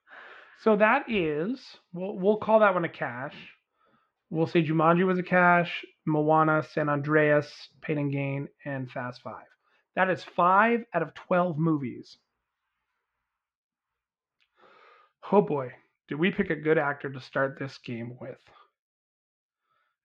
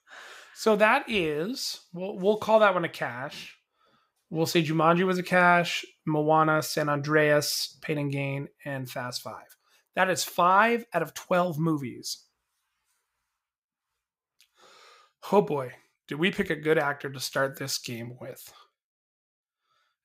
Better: second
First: muffled; very; fading above 2.5 kHz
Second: none

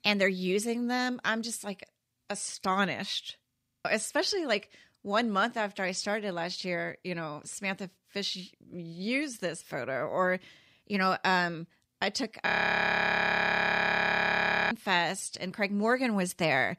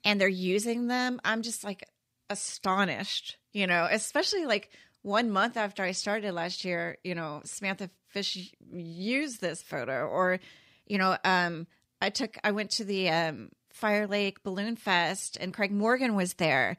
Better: second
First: audio freezing; at 3.5 s and at 12 s for 2 s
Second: none

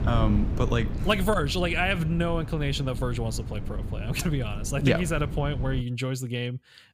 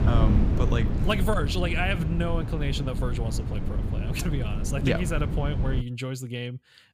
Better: first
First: wind noise on the microphone; occasional gusts; until 6 s; 15 dB below the speech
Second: wind noise on the microphone; heavy; until 6 s; 7 dB below the speech

